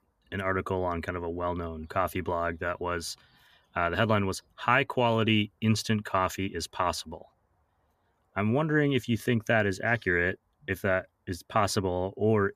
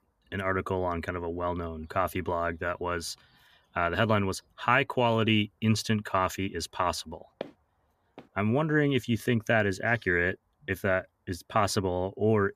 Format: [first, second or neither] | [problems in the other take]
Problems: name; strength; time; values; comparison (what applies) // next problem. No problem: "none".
first | footsteps; faint; at 7.5 s; peak 15 dB below the speech